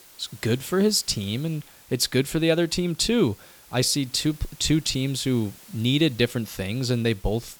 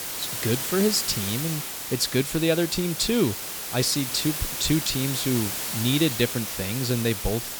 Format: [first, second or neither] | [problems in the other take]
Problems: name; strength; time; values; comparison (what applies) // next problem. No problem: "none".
first | hiss; loud; throughout; 4 dB below the speech; faint in the first